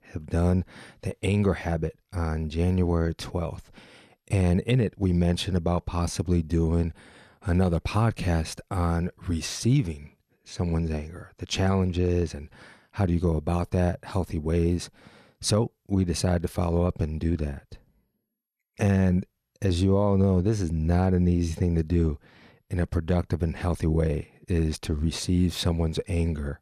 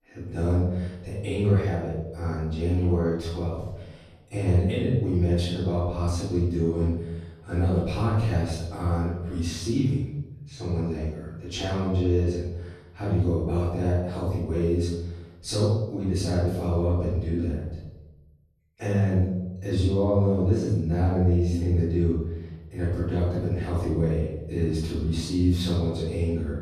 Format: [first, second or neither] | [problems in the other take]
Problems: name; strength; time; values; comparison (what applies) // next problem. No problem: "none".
first | off-mic speech; far // room echo; strong; dies away in 0.9 s